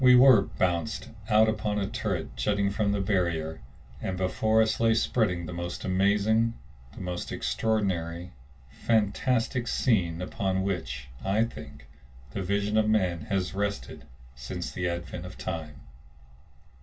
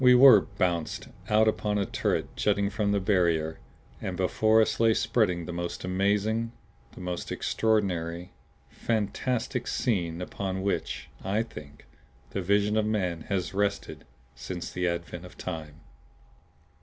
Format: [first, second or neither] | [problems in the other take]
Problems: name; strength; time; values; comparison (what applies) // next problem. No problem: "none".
second | room echo; dies away in 0.1 s